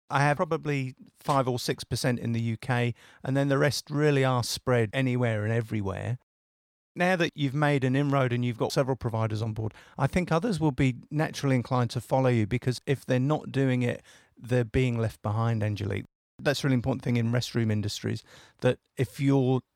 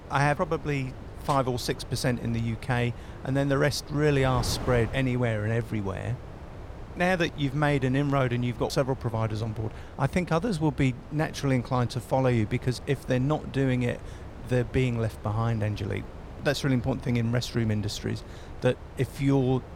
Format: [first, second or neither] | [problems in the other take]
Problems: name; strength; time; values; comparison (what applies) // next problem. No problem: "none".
first | wind noise on the microphone; occasional gusts; 15 dB below the speech